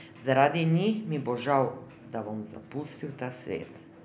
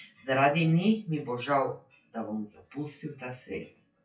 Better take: first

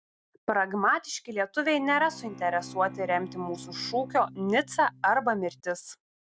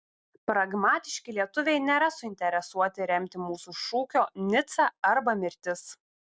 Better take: second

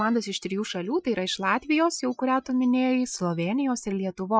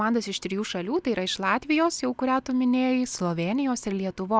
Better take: second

